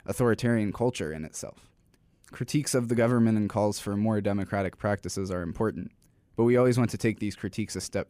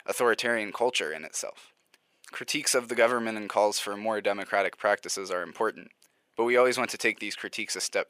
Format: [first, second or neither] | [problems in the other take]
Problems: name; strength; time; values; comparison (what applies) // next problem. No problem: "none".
first | thin; very; fading below 600 Hz